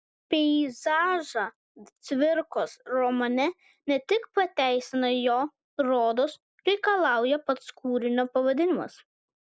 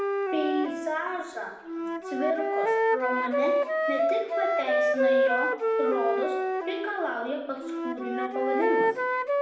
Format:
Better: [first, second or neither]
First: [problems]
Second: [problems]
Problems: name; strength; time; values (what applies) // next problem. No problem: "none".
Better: first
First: none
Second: background sound (Wind instrument, woodwind instrument); 5 dB above the speech // room echo; dies away in 0.8 s